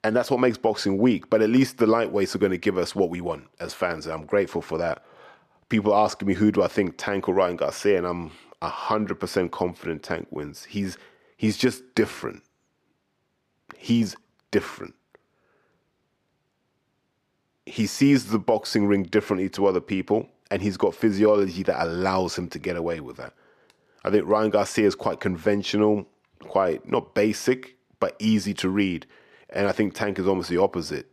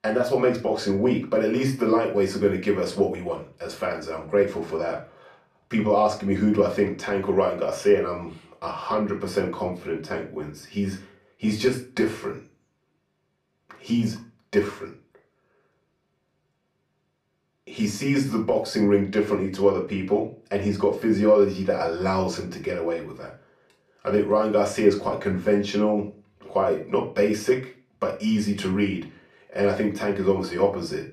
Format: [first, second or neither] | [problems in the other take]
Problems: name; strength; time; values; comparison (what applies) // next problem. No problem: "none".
first | off-mic speech; far // room echo; slight; dies away in 0.3 s